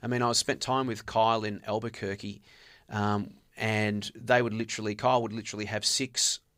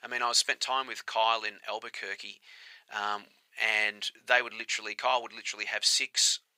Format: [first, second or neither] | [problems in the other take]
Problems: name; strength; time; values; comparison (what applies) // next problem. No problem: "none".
first | thin; very; fading below 800 Hz